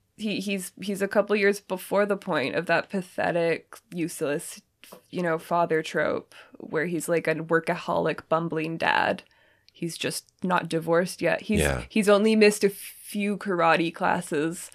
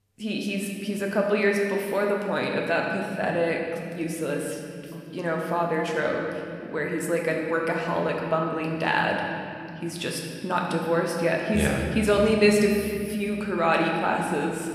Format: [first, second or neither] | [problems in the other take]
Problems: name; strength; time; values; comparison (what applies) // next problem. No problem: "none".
first | room echo; noticeable; dies away in 2.7 s // off-mic speech; somewhat distant